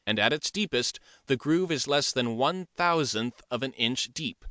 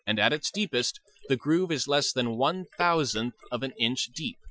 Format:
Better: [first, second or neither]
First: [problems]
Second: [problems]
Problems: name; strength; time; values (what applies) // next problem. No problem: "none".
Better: first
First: none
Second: noise reduction (classical method Wiener filter)